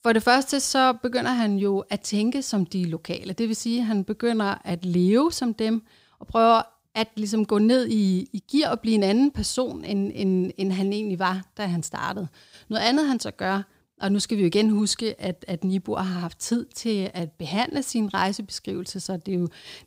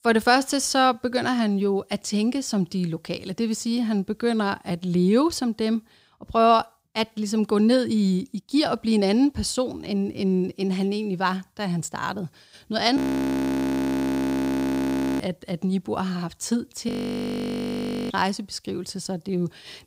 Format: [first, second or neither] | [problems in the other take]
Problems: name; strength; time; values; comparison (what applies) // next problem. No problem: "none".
first | audio freezing; at 13 s for 2 s and at 17 s for 1 s